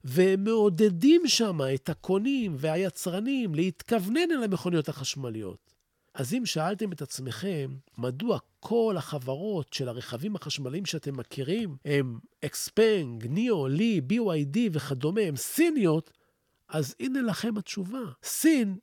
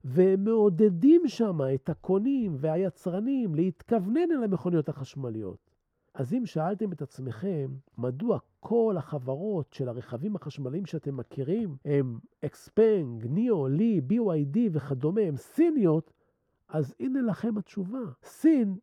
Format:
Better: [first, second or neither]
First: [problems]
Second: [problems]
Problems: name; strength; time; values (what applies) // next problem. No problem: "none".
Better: first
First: none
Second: muffled; very; fading above 2 kHz